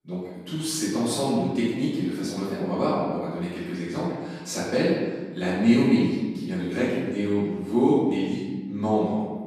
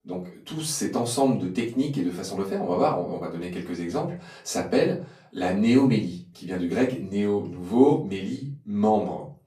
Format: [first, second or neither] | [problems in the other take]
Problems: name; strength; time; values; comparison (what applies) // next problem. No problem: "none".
second | room echo; strong; dies away in 1.3 s; slight in the second // off-mic speech; far; far in the second